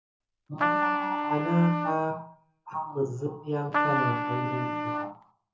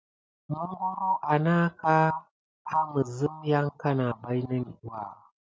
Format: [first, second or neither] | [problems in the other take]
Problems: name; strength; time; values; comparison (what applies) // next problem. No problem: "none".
second | background sound (Trumpet); 2 dB above the speech // room echo; dies away in 0.7 s